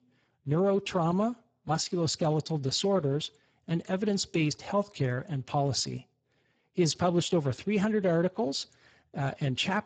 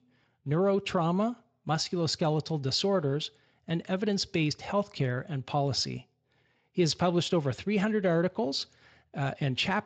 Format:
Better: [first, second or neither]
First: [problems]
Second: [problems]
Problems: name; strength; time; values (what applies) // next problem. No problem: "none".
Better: second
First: garbled, watery; badly; nothing above 7.5 kHz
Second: garbled, watery; slightly; nothing above 7.5 kHz